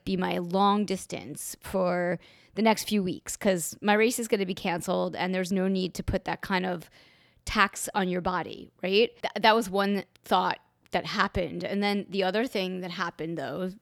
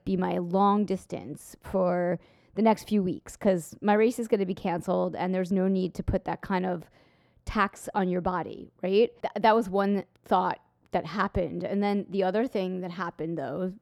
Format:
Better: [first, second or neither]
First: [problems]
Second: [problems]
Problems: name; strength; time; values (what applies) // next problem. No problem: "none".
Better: first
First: none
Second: muffled; slightly; fading above 1.5 kHz